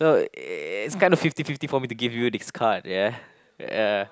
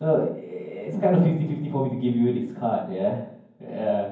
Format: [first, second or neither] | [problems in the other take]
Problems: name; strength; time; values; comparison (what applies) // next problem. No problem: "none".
first | room echo; dies away in 0.9 s